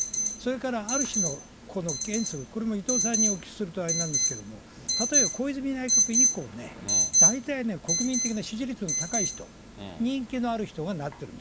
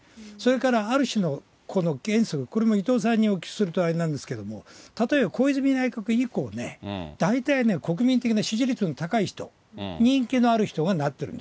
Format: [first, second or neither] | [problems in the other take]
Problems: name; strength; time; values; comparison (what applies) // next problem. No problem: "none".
second | background sound (Alarm); 3 dB above the speech